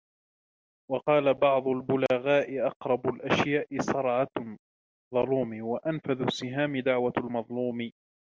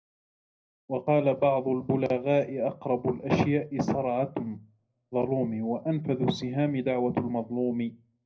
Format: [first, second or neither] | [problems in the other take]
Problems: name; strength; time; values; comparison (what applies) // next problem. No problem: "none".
first | room echo; dies away in 0.3 s